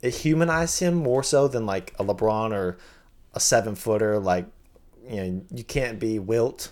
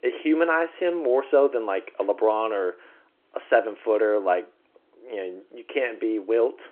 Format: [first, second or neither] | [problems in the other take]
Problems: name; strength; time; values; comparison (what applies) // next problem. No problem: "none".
first | phone-call audio